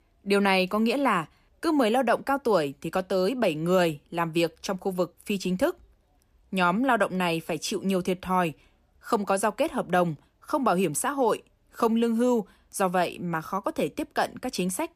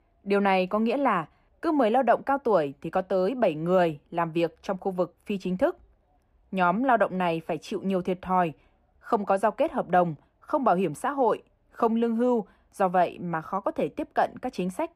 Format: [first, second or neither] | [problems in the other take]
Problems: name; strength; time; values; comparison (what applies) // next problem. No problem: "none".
first | muffled; slightly; fading above 3.5 kHz